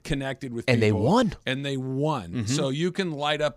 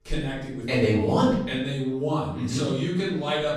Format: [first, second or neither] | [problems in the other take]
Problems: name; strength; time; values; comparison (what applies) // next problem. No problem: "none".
first | off-mic speech; far // room echo; noticeable; dies away in 0.7 s